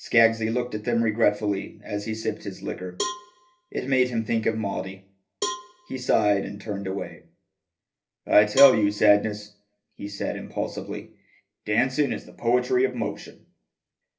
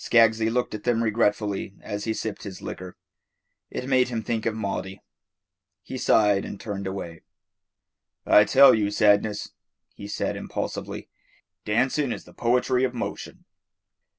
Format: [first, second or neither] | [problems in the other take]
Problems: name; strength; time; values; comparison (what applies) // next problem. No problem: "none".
second | background sound (Cowbell); 12 dB below the speech // room echo; dies away in 0.3 s